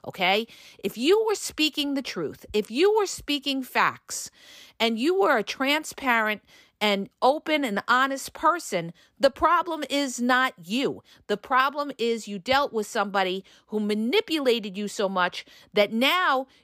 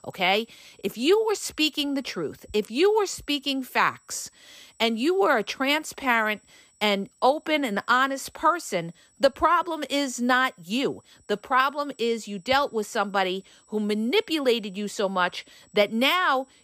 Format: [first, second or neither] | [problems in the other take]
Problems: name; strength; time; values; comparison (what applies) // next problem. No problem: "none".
first | high-pitched whine; faint; throughout; 8 kHz, 35 dB below the speech